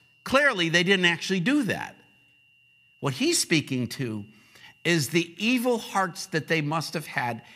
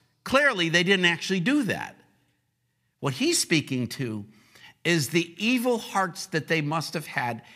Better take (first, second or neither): second